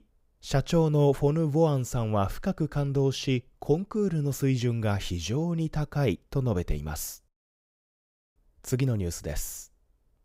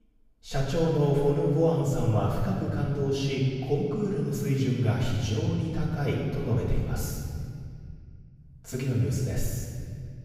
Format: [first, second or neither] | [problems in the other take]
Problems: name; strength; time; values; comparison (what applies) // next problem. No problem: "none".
first | room echo; noticeable; dies away in 2.2 s // off-mic speech; far